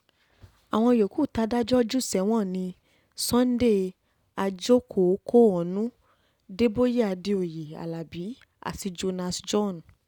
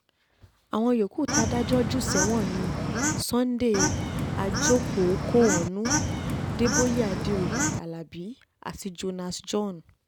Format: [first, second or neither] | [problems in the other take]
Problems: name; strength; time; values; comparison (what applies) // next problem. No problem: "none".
first | background sound (Bird / Fowl); 1 dB above the speech